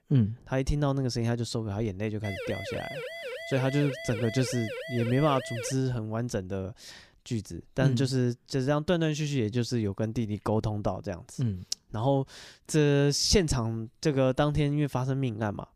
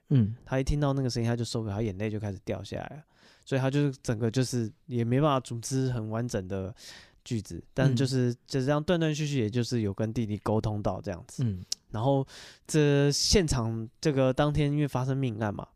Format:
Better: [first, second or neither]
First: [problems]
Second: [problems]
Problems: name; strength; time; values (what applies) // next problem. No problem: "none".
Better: second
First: siren; noticeable; from 2 to 5.5 s; peak 8 dB below the speech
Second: none